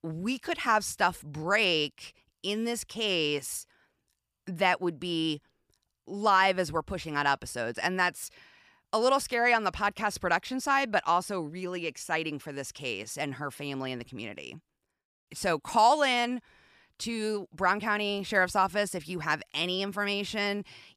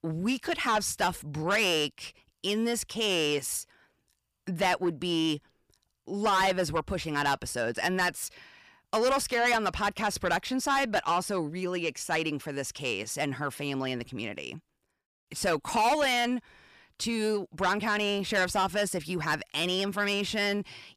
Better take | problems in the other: first | distortion; heavy; 8 dB below the speech

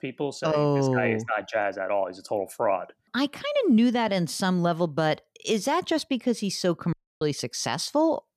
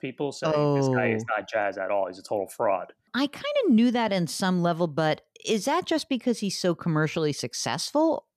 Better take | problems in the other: second | audio cutting out; at 7 s

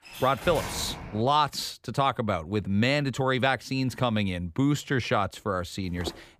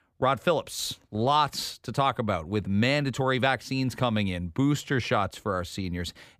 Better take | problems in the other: second | door banging; noticeable; until 1 s; peak 7 dB below the speech // footsteps; faint; at 6 s; peak 15 dB below the speech

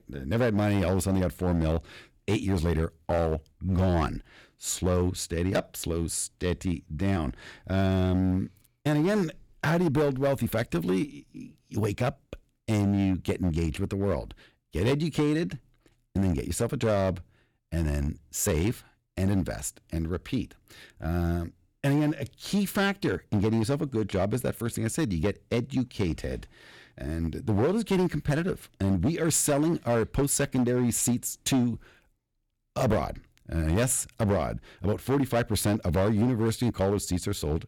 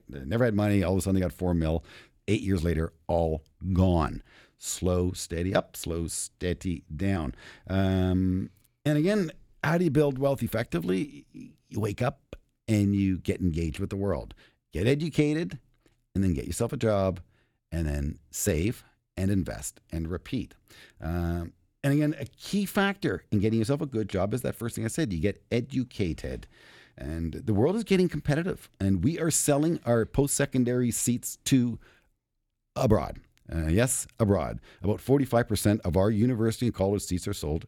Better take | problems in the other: second | distortion; slight; 8% of the sound clipped

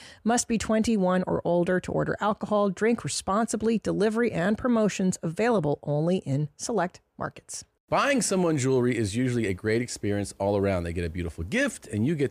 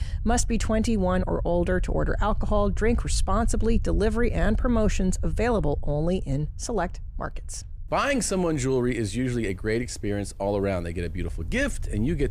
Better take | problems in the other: first | low rumble; faint; throughout; 25 dB below the speech

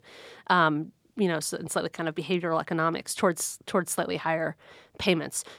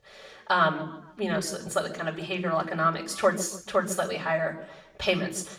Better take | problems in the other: first | room echo; slight; dies away in 0.7 s // off-mic speech; far

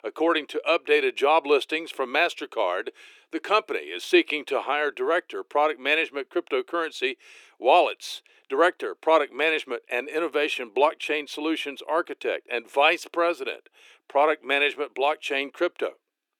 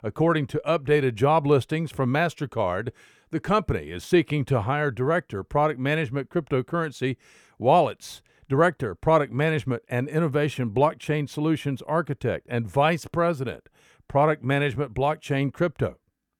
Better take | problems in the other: second | thin; very; fading below 350 Hz

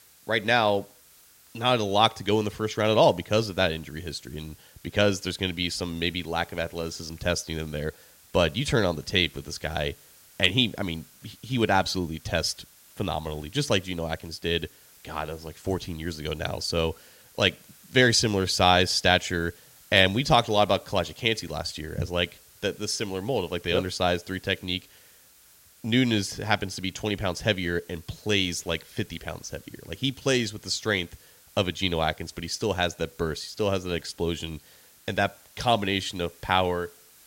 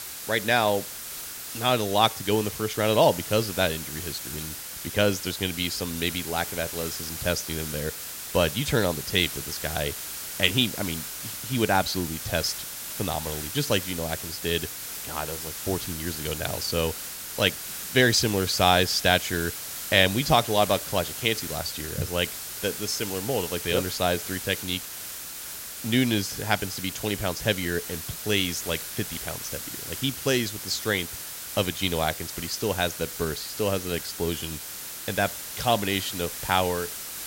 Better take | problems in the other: first | hiss; loud; throughout; 7 dB below the speech; faint in the first

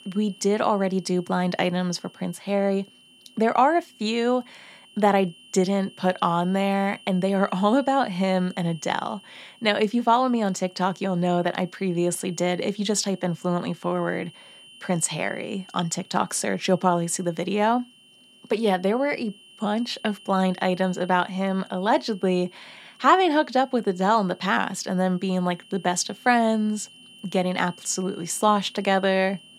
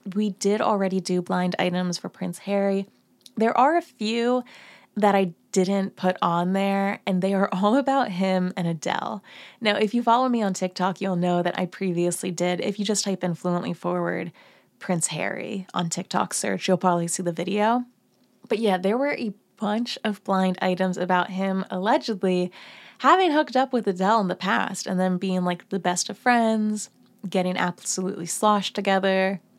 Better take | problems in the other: second | high-pitched whine; faint; throughout; 3 kHz, 25 dB below the speech

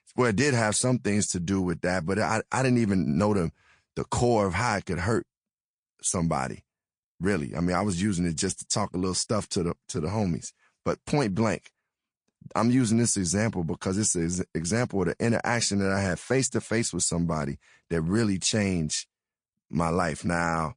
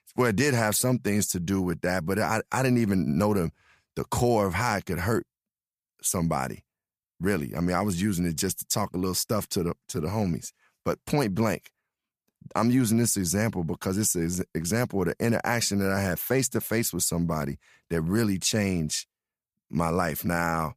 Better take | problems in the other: second | garbled, watery; slightly; nothing above 8 kHz

